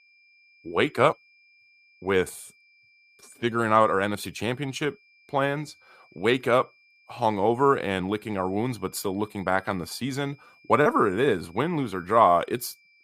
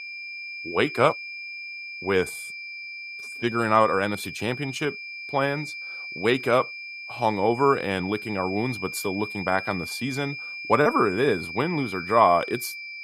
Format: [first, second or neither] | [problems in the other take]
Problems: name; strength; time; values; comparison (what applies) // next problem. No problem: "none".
first | high-pitched whine; loud; throughout; 2.5 kHz, 9 dB below the speech; faint in the first